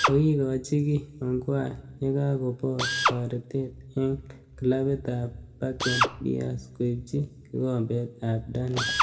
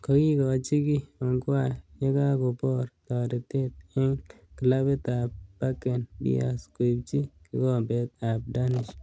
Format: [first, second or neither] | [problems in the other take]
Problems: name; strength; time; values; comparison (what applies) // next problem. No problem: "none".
second | background sound (Drill); 5 dB below the speech // room echo; dies away in 1.5 s